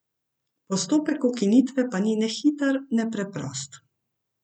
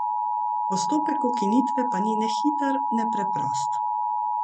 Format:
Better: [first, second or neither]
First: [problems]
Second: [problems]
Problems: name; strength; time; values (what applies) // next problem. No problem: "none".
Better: first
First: none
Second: background sound (Alarm); 4 dB above the speech